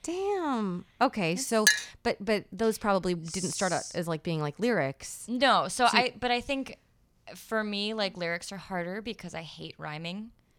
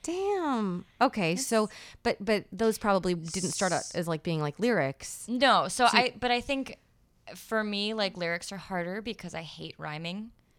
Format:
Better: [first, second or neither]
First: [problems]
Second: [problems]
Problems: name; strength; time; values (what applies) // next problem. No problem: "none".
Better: second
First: clattering dishes; loud; at 1.5 s; peak 6 dB above the speech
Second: none